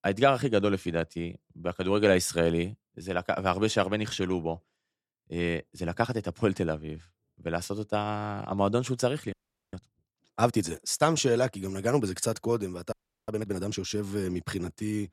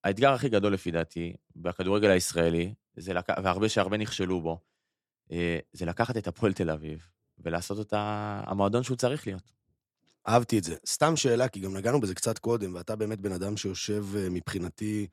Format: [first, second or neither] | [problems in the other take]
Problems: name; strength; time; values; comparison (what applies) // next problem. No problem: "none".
second | audio freezing; at 9.5 s and at 13 s